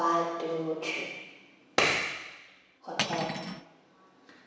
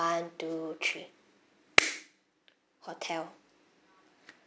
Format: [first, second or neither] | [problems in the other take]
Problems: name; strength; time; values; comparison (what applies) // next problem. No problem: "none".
second | background sound (Cutlery, silverware); 2 dB below the speech // room echo; dies away in 1.1 s